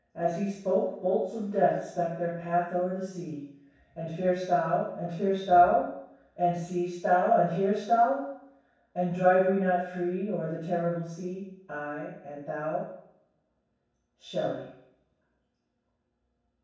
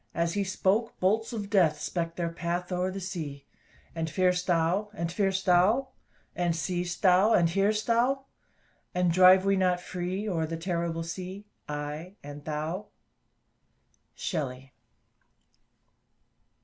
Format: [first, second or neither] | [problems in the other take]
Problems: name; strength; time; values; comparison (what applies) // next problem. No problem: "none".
second | room echo; dies away in 0.7 s